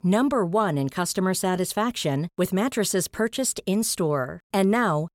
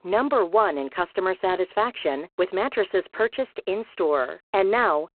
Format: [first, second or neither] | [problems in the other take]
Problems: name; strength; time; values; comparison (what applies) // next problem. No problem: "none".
first | phone-call audio; poor line; nothing above 4 kHz